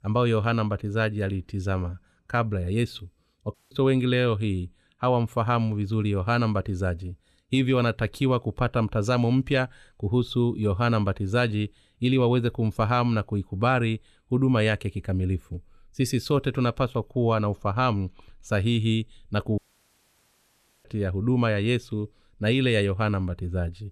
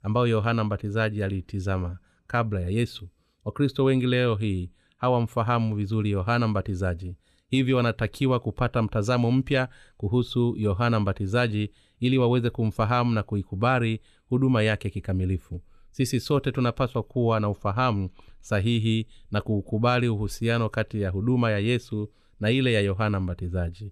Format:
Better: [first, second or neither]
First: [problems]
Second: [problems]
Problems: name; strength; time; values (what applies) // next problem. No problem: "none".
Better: second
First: audio cutting out; at 3.5 s and at 20 s for 1.5 s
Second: none